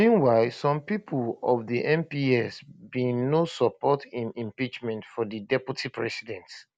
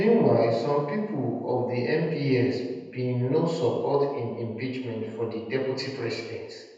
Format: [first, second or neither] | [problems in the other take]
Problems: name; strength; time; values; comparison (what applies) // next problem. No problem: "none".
first | room echo; dies away in 1 s